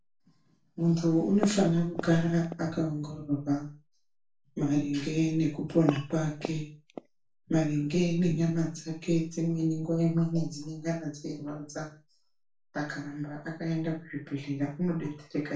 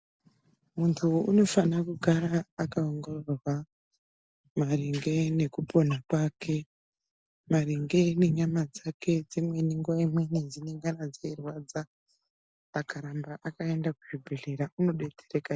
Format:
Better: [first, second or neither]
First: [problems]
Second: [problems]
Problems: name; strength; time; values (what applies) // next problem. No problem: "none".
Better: second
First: background sound (Walk, footsteps); 10 dB below the speech // room echo; dies away in 0.3 s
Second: none